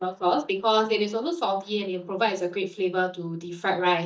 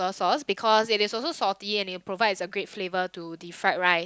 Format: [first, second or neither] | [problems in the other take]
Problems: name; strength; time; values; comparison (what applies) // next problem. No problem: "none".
second | noise reduction (neural mask model DeepFilterNet 3)